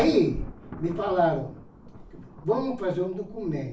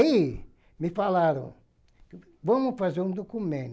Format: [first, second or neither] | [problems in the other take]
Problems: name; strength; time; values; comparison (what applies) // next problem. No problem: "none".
second | background sound (Thunder); 17 dB below the speech // room echo; dies away in 0.3 s